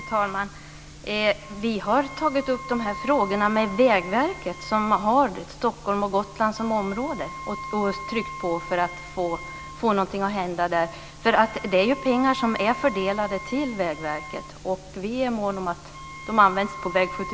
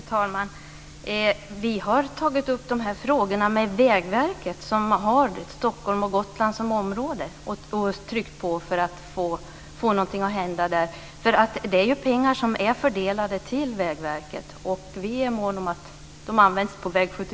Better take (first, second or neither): second